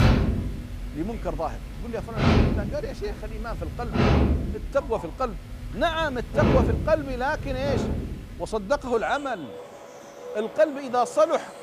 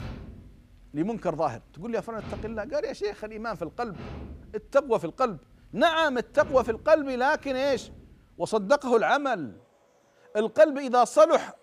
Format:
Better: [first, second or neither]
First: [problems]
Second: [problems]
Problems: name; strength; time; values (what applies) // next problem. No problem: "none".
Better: second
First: animal sounds; loud; throughout; as loud as the speech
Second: animal sounds; faint; throughout; 20 dB below the speech